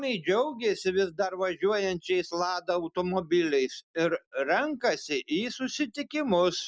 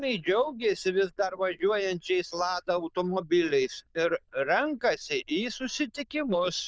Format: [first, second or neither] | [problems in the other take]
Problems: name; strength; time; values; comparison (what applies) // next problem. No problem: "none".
first | noise reduction (neural diffusion model UNIVERSE++)